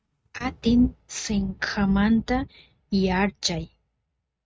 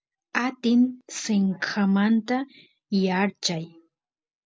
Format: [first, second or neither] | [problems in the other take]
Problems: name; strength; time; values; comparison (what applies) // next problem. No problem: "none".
second | noise reduction (neural mask model RNNoise)